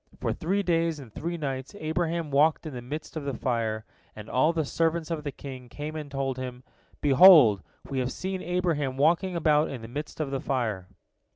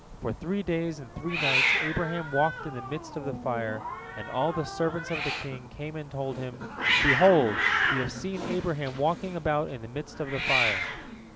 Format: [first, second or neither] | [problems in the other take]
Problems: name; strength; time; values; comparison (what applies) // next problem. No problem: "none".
first | background sound (Hiss); 1 dB below the speech